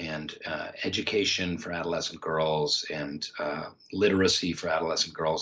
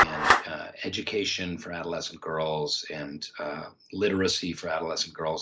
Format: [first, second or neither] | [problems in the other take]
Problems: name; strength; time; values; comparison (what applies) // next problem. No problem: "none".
first | background sound (Clapping); 1 dB below the speech